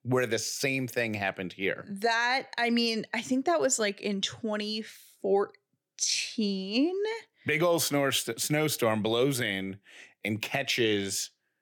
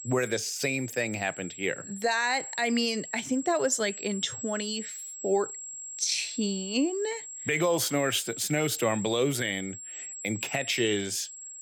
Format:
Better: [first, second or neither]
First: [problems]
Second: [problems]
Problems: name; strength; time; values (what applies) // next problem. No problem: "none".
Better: first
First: none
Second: high-pitched whine; loud; throughout; 7.5 kHz, 10 dB below the speech